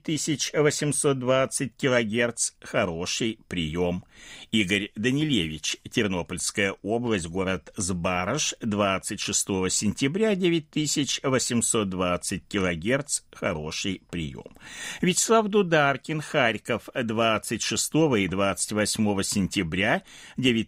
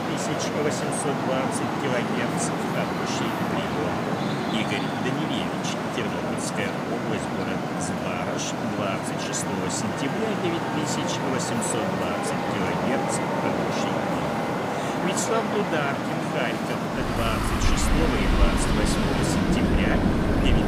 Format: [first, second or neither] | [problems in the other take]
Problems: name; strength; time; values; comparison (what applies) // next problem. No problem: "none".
first | traffic noise; very loud; throughout; 4 dB above the speech